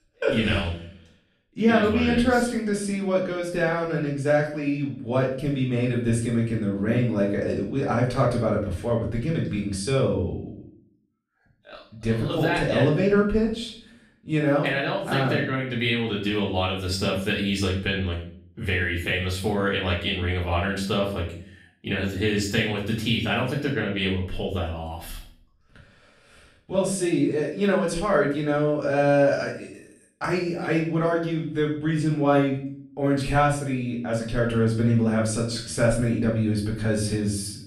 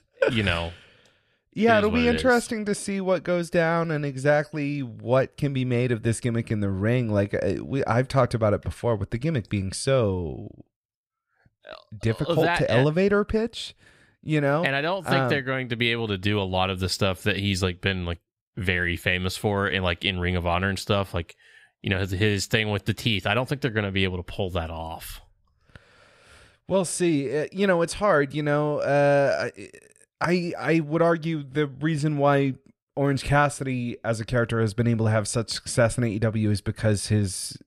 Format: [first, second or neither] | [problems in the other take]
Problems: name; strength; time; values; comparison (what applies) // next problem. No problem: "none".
second | room echo; noticeable; dies away in 0.5 s // off-mic speech; far